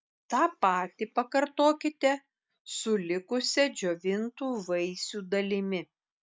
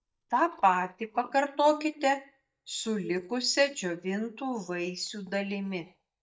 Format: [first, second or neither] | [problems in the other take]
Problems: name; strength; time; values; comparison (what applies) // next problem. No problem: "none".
first | noise reduction (neural mask model DeepFilterNet 3)